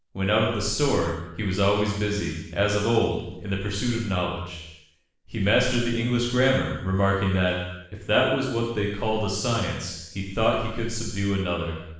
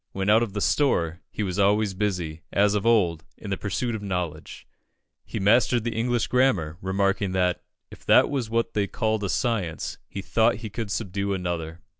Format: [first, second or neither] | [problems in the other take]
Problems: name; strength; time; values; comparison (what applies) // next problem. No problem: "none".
second | room echo; dies away in 0.9 s